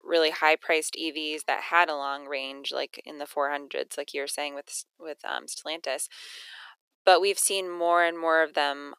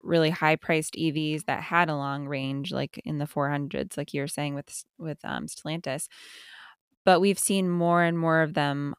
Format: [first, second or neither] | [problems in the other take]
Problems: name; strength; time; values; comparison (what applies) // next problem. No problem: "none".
second | thin; very; fading below 400 Hz